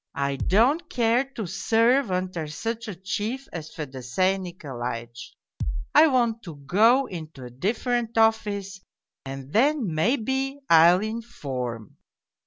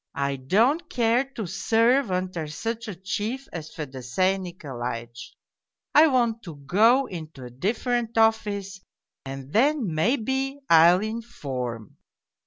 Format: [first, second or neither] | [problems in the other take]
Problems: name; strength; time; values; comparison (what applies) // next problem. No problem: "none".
second | background sound (Bass drum); 2 dB below the speech